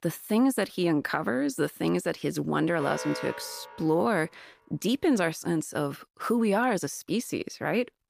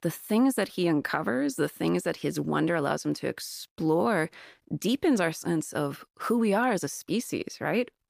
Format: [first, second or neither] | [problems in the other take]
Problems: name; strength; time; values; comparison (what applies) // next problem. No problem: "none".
second | alarm; noticeable; from 3 to 4 s; peak 8 dB below the speech